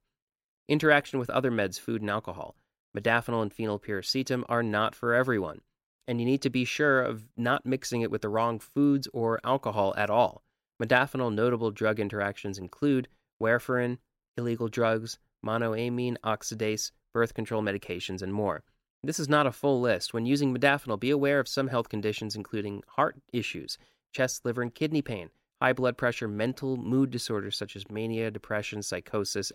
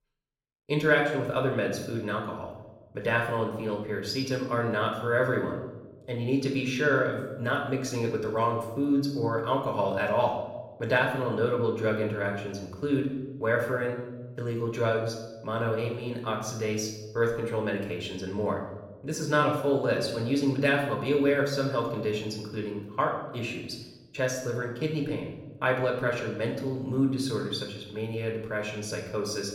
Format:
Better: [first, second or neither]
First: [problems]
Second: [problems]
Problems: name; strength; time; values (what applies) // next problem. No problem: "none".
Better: first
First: none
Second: room echo; noticeable; dies away in 0.9 s // off-mic speech; somewhat distant